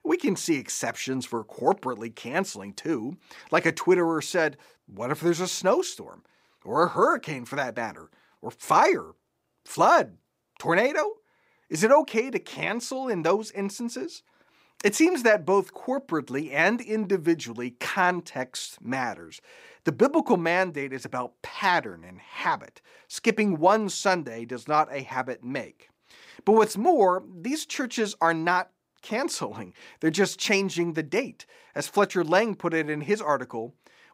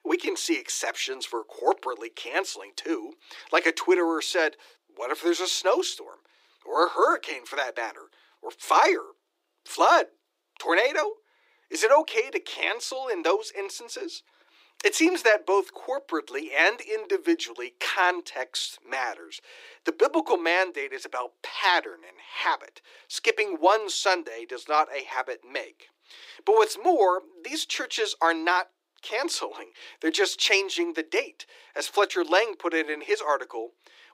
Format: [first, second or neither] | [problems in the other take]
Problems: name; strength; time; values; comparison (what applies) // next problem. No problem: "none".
first | thin; very; fading below 300 Hz